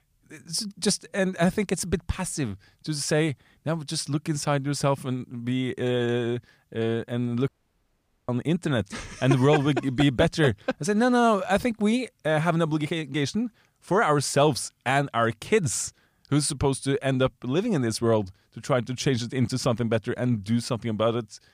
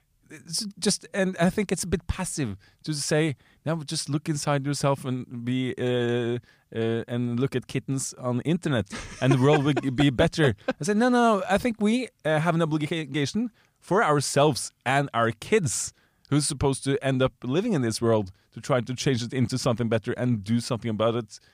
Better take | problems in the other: second | audio cutting out; at 7.5 s for 1 s

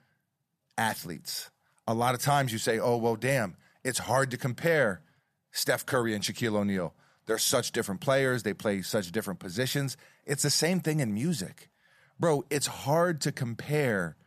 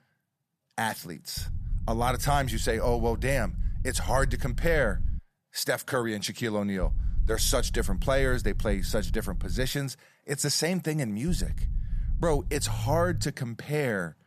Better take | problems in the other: first | low rumble; faint; from 1.5 to 5 s, from 7 to 9.5 s and from 11 to 13 s; 20 dB below the speech

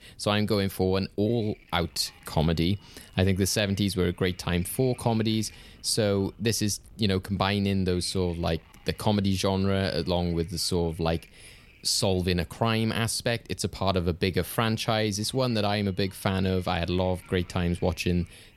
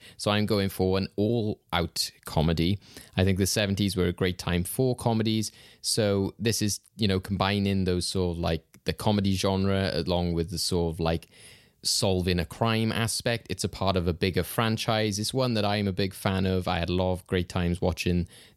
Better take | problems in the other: second | wind noise on the microphone; occasional gusts; 25 dB below the speech

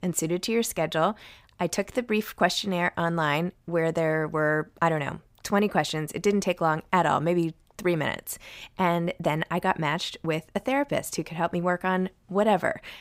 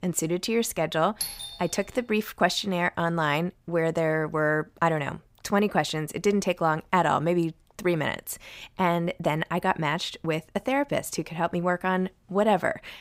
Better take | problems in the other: first | doorbell; noticeable; at 1 s; peak 5 dB below the speech

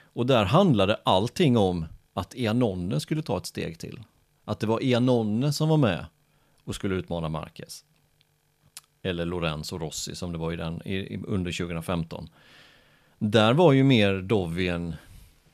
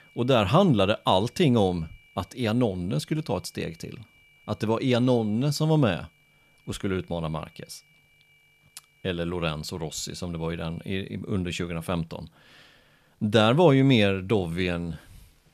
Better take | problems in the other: first | high-pitched whine; faint; until 11 s; 2.5 kHz, 30 dB below the speech

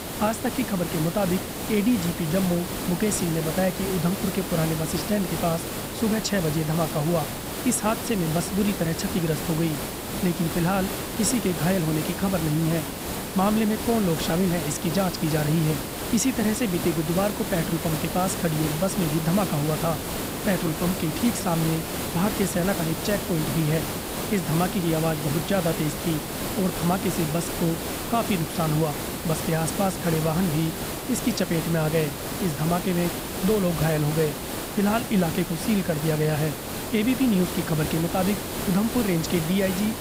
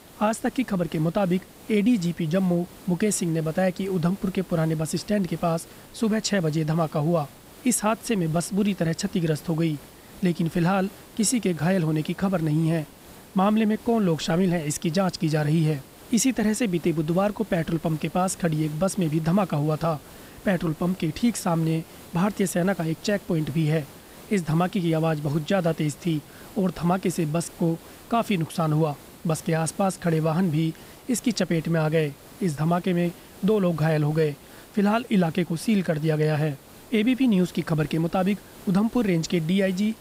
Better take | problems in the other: second | hiss; loud; throughout; 4 dB below the speech; faint in the second

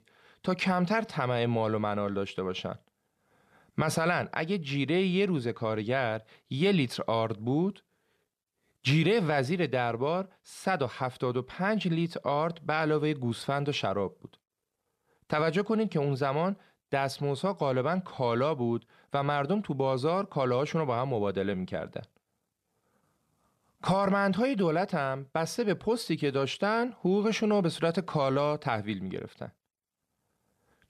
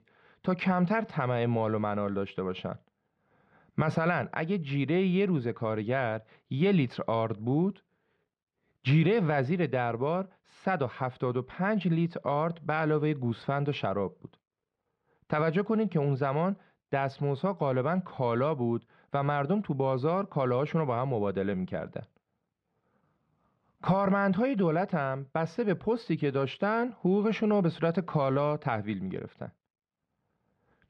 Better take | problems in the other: first | muffled; slightly; fading above 2.5 kHz

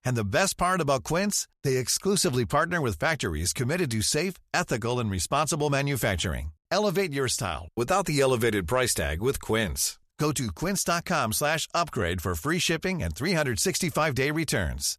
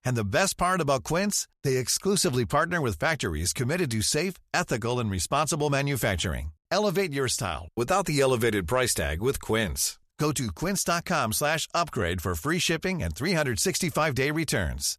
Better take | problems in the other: neither | none

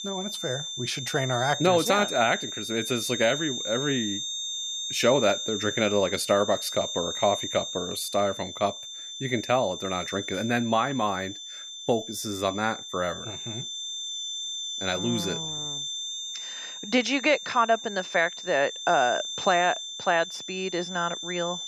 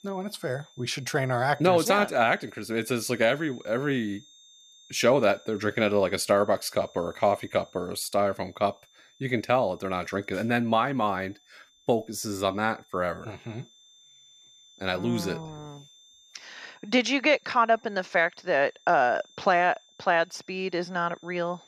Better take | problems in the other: second | high-pitched whine; loud; throughout; 3.5 kHz, 6 dB below the speech; faint in the second

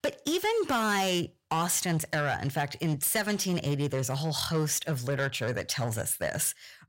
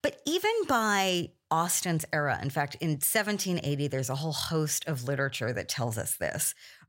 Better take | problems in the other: second | distortion; slight; 9% of the sound clipped

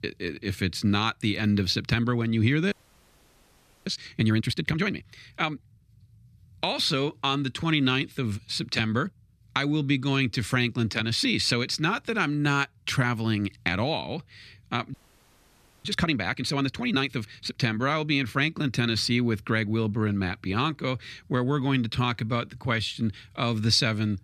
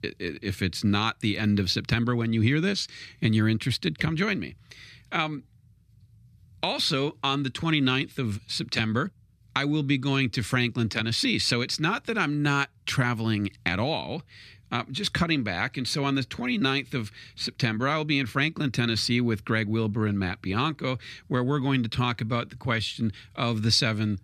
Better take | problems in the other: second | audio freezing; at 2.5 s for 1 s and at 15 s for 1 s

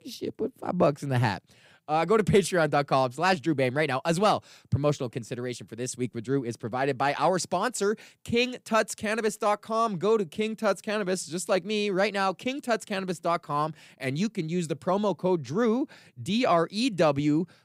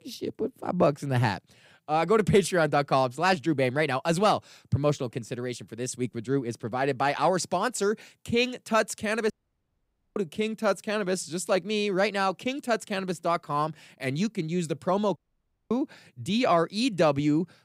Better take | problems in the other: first | audio cutting out; at 9.5 s for 1 s and at 15 s for 0.5 s

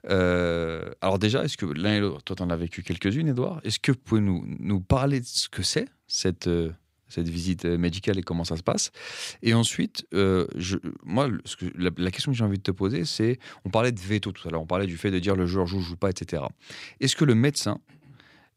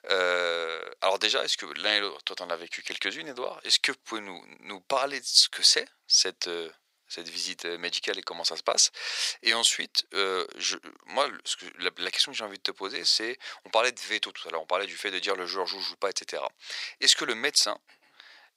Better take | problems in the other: first | thin; very; fading below 600 Hz

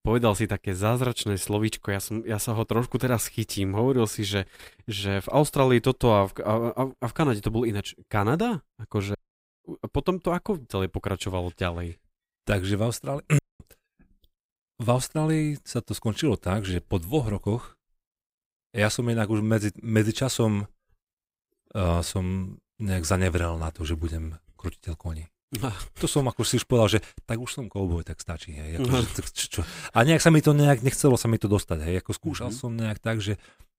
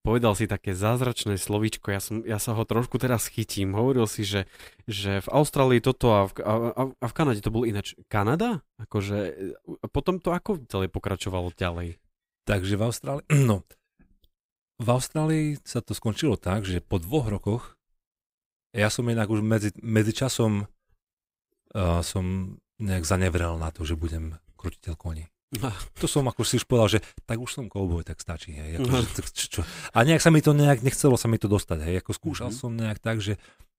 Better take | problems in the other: second | audio cutting out; at 9 s and at 13 s

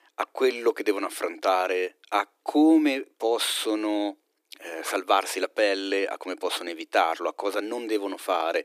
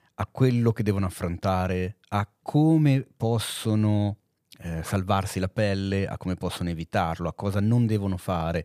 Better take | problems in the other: second | thin; very; fading below 300 Hz

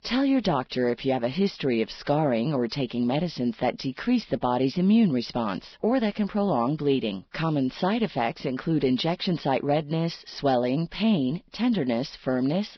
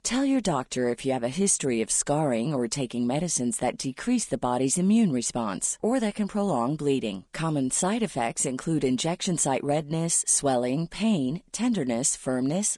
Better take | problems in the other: second | garbled, watery; badly; nothing above 5.5 kHz; slightly in the second

